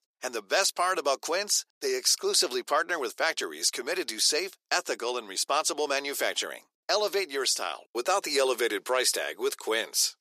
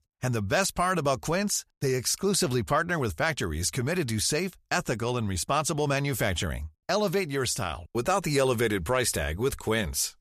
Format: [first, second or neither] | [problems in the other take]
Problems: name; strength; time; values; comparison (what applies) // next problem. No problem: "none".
second | thin; very; fading below 350 Hz